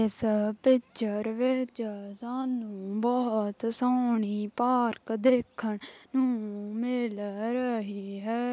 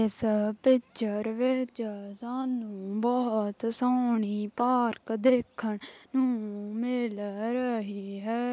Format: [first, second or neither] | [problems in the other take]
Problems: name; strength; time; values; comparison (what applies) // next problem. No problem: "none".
first | noise reduction (neural mask model Resemble Enhance denoiser)